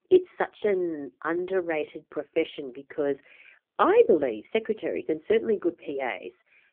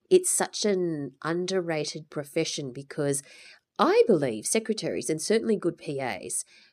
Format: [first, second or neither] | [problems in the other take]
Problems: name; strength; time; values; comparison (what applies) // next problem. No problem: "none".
second | phone-call audio; poor line; nothing above 3.5 kHz